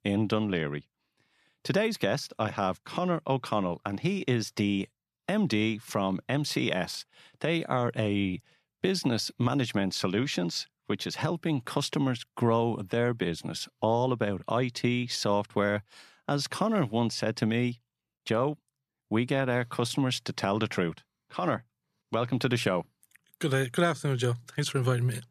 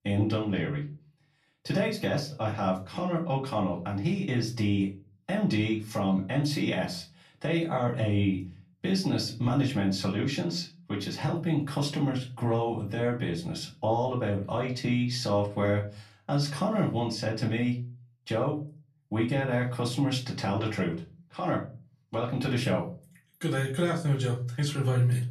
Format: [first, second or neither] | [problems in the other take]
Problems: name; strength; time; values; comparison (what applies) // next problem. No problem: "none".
first | off-mic speech; far // room echo; very slight; dies away in 0.4 s